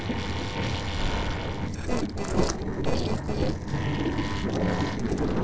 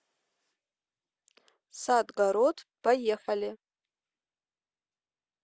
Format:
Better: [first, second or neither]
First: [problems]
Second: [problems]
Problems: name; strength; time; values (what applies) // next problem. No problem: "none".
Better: second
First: noise reduction (neural separator model SepFormer DNS4)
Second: none